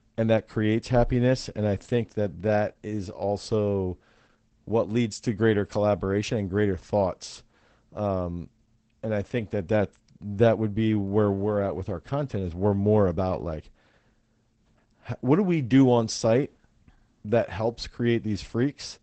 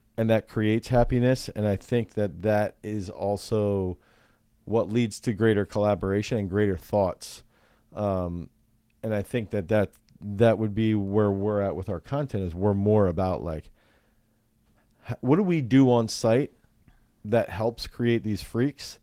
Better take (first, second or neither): second